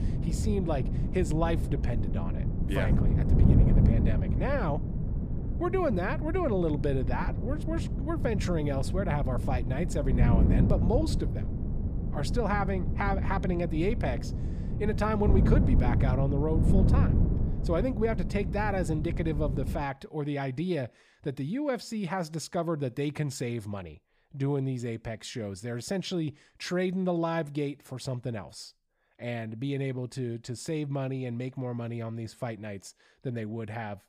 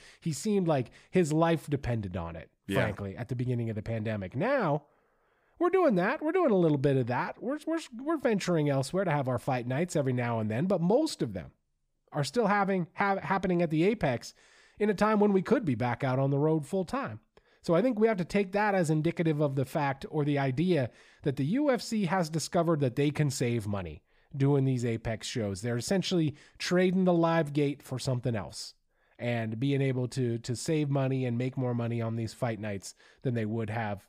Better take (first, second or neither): second